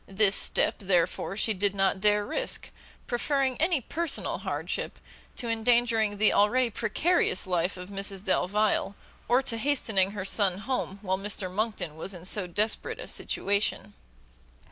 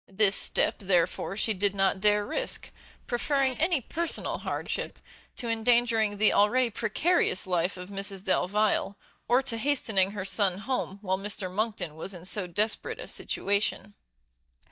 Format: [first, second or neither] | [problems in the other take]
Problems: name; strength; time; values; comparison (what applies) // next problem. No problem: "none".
first | noise reduction (neural mask model DeepFilterNet 3)